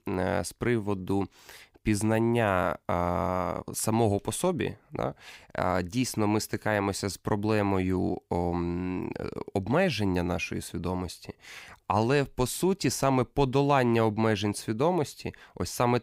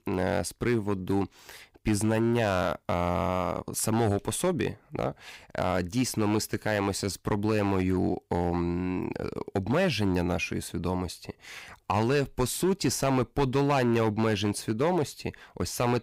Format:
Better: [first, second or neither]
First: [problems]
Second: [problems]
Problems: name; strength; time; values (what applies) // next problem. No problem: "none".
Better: first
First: none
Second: distortion; slight; 5% of the sound clipped